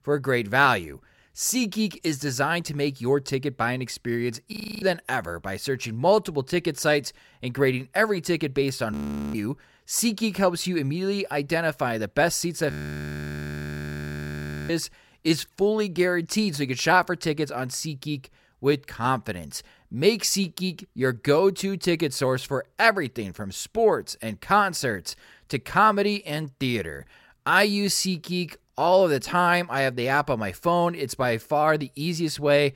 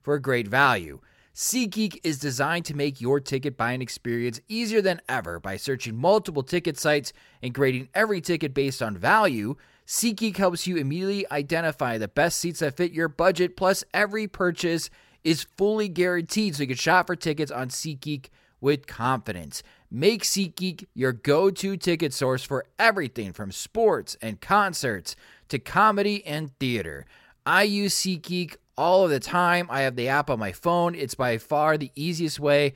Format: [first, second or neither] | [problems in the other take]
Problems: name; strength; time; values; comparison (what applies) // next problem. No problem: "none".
second | audio freezing; at 4.5 s, at 9 s and at 13 s for 2 s